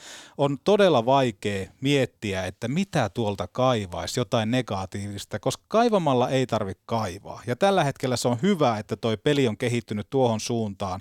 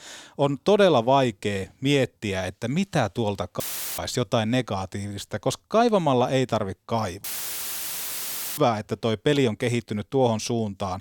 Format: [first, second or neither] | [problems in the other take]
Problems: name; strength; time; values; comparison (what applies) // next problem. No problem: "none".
first | audio cutting out; filled with static; at 3.5 s and at 7 s for 1.5 s